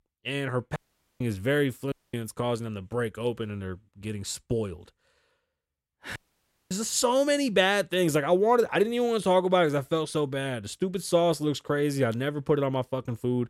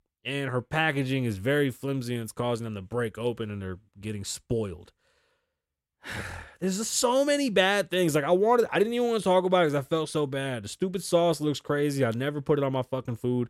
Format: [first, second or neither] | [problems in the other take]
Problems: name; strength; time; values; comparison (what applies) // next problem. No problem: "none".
second | audio cutting out; at 1 s, at 2 s and at 6 s for 0.5 s